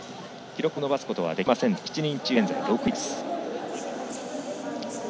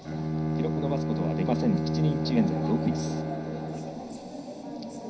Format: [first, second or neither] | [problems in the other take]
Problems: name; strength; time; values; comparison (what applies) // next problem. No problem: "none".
first | background sound (Bowed string instrument); 1 dB above the speech // room echo; dies away in 0.4 s